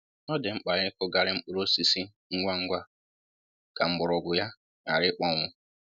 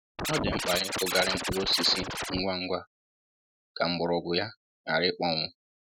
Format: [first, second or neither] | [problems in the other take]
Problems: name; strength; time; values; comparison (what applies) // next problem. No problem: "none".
first | noise reduction (neural mask model RNNoise)